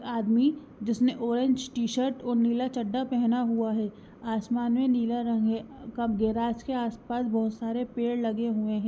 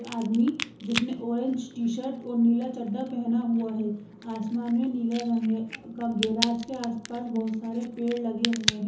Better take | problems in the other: first | background sound (Crack); 10 dB below the speech // room echo; dies away in 0.8 s

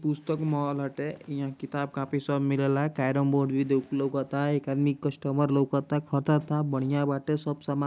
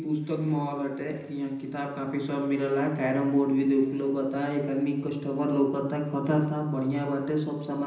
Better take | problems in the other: first | room echo; dies away in 0.9 s

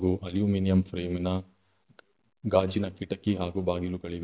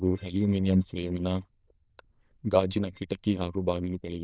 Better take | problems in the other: first | noise reduction (neural diffusion model UNIVERSE++)

